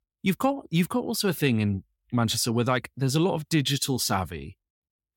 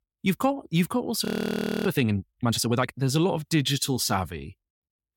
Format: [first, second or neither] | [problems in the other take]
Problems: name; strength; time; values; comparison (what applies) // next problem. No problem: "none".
first | audio freezing; at 1.5 s for 0.5 s